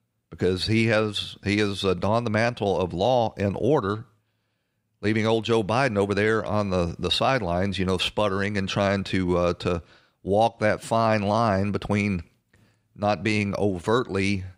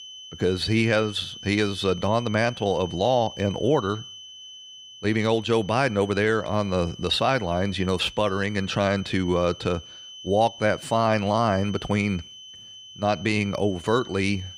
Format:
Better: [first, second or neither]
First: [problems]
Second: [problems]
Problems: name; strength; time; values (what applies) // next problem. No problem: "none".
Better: first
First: none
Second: high-pitched whine; noticeable; throughout; 3 kHz, 15 dB below the speech